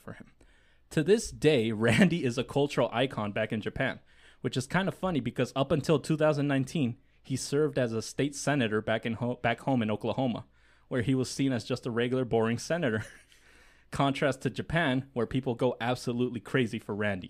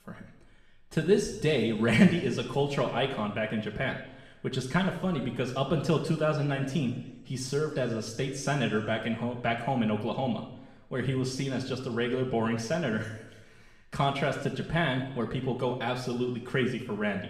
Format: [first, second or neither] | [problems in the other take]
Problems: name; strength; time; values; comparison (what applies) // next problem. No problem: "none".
first | room echo; noticeable; dies away in 1 s // off-mic speech; somewhat distant